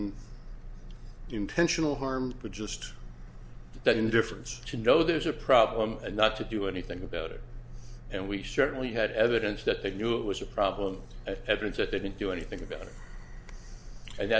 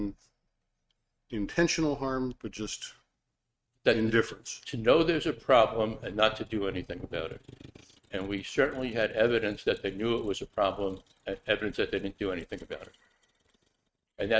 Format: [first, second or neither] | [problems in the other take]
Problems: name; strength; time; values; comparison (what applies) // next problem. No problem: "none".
first | noise reduction (neural mask model RNNoise)